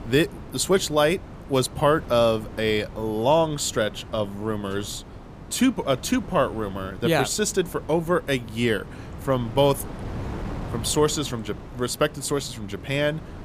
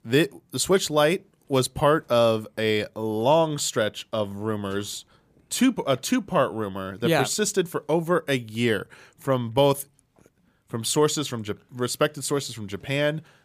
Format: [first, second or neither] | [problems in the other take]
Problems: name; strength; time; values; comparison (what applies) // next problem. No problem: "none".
second | wind noise on the microphone; occasional gusts; 20 dB below the speech